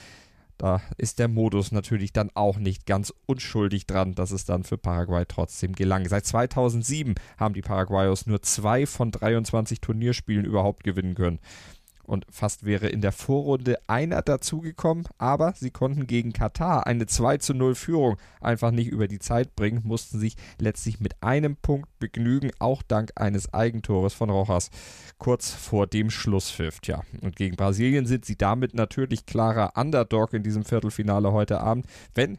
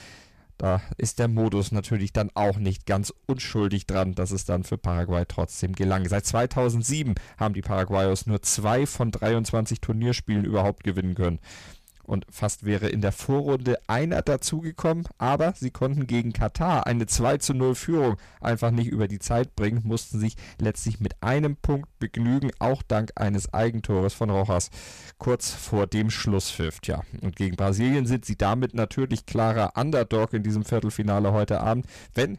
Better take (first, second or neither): first